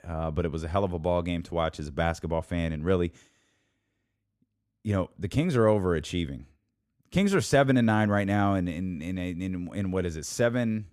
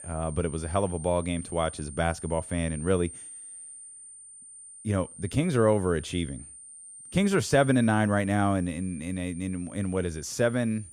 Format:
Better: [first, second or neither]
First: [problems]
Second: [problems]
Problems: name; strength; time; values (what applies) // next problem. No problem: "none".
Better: first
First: none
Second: high-pitched whine; noticeable; throughout; 9 kHz, 15 dB below the speech